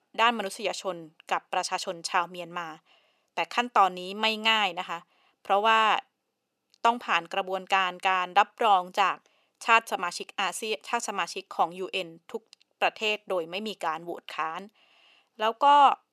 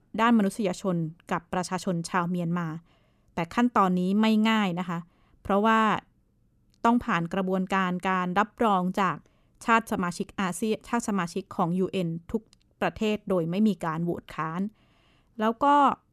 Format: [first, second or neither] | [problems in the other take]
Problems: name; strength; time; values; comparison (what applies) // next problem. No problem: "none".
second | thin; very; fading below 550 Hz